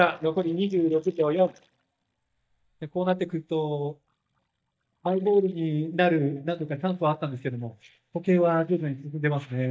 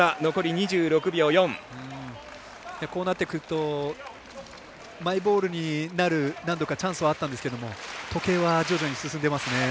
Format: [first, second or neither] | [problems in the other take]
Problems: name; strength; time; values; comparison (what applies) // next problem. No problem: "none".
second | noise reduction (neural mask model DeepFilterNet 3)